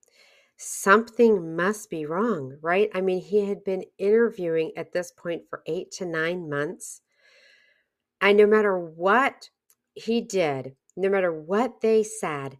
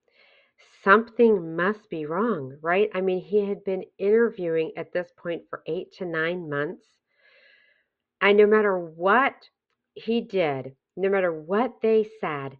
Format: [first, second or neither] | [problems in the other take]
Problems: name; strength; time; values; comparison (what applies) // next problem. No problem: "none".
first | muffled; very; fading above 3.5 kHz